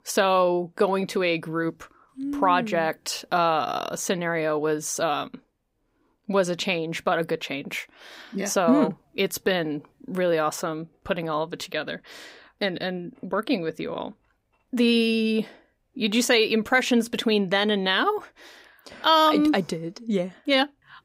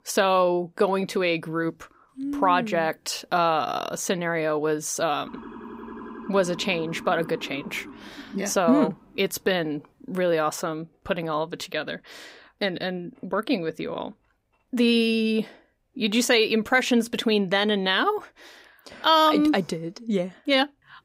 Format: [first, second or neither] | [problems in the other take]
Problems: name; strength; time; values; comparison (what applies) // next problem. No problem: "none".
first | siren; faint; from 5.5 to 9 s; peak 15 dB below the speech